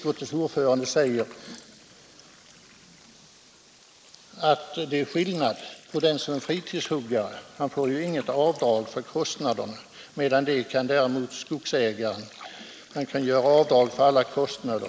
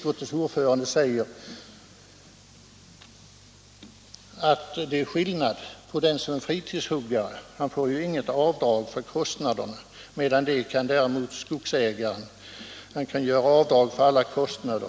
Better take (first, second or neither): second